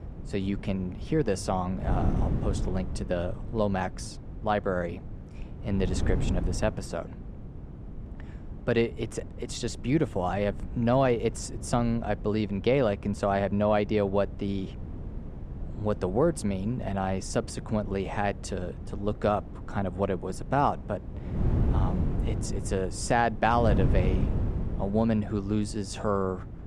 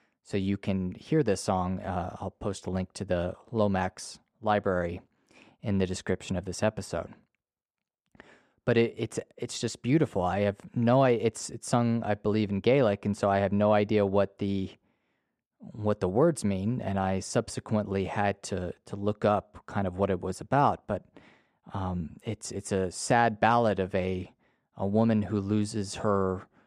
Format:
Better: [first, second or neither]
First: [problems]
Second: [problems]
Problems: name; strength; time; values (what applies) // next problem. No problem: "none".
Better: second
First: wind noise on the microphone; occasional gusts; 15 dB below the speech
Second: none